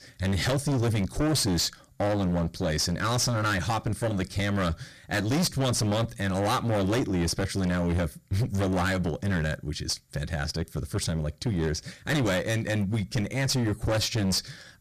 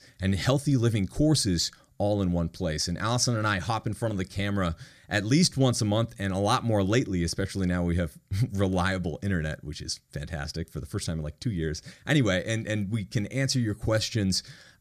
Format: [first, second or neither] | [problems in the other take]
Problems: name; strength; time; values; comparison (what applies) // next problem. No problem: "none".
second | distortion; heavy; 22% of the sound clipped